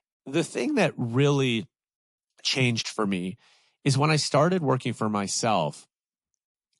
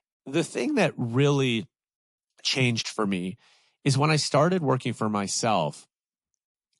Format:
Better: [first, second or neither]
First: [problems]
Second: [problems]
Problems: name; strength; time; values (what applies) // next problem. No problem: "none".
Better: neither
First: garbled, watery; slightly; nothing above 11 kHz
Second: garbled, watery; slightly; nothing above 11 kHz